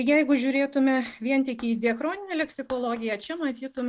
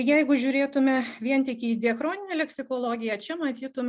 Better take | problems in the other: second | noise reduction (neural mask model DeepFilterNet 3)

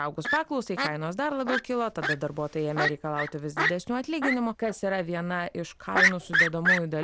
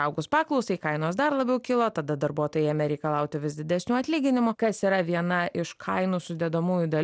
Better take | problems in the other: second | background sound (Fowl); as loud as the speech

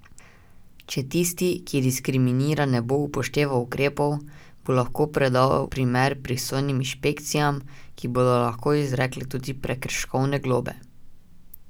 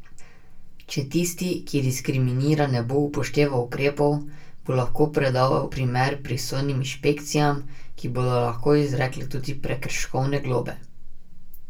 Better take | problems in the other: first | room echo; dies away in 0.2 s

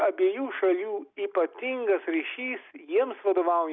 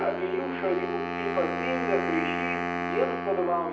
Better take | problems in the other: first | background sound (Wind instrument, woodwind instrument); 2 dB below the speech // room echo; dies away in 0.6 s

